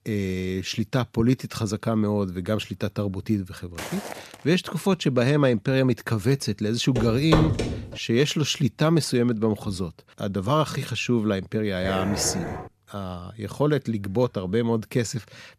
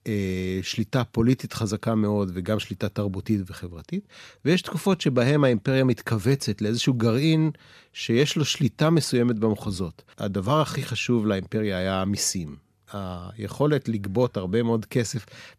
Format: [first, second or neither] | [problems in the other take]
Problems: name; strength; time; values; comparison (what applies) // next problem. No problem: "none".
second | footsteps; noticeable; at 4 s; peak 10 dB below the speech // footsteps; loud; at 7 s; peak 2 dB above the speech // dog barking; noticeable; at 12 s; peak 5 dB below the speech